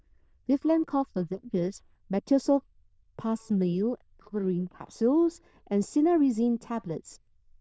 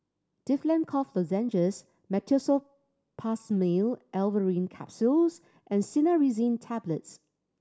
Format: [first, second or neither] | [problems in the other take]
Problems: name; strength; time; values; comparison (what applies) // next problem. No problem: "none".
second | noise reduction (neural diffusion model UNIVERSE++)